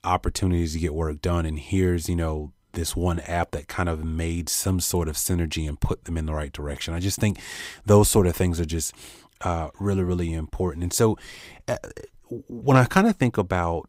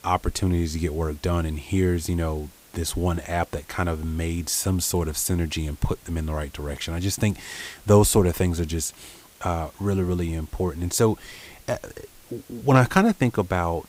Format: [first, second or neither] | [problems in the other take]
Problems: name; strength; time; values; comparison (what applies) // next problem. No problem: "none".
first | hiss; faint; throughout; 25 dB below the speech